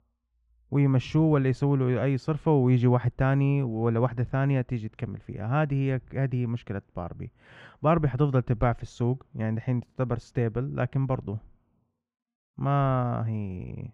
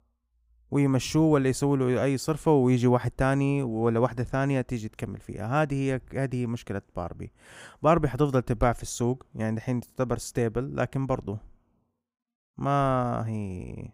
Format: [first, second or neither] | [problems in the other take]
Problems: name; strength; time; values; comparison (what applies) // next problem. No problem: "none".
second | muffled; slightly; fading above 3 kHz